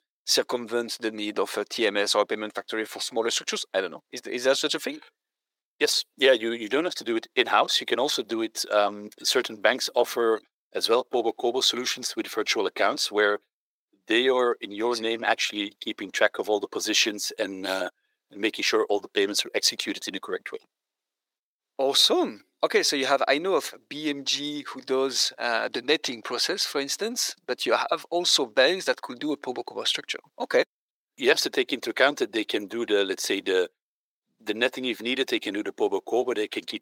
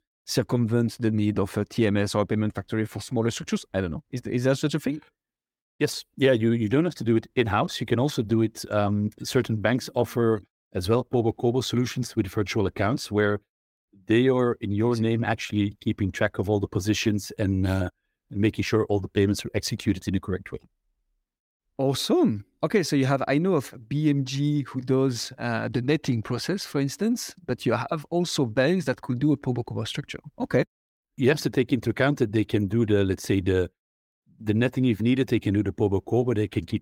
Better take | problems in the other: second | thin; very; fading below 450 Hz

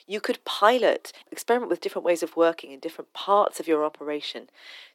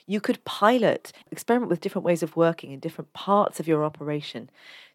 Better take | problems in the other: second | thin; somewhat; fading below 300 Hz

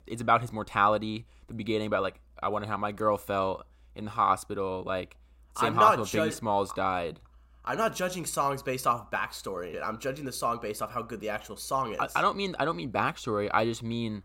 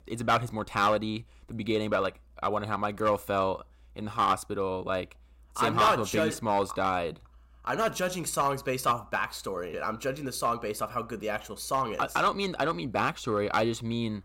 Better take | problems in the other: first | distortion; slight; 2% of the sound clipped

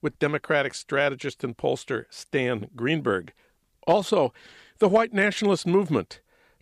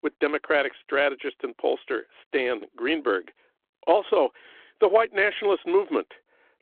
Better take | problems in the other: first | phone-call audio

